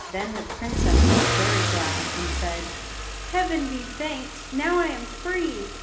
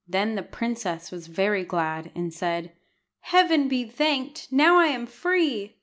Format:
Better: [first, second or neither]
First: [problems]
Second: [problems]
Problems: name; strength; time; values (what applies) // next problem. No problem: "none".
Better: second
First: background sound (Engine starting / Accelerating, revving, vroom / Car); 4 dB above the speech // room echo; dies away in 1 s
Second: none